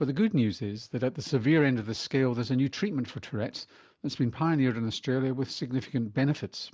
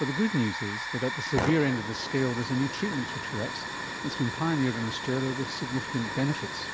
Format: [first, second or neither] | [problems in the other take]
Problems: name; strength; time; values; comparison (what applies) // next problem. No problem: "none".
first | background sound (Hiss / Fire); 5 dB below the speech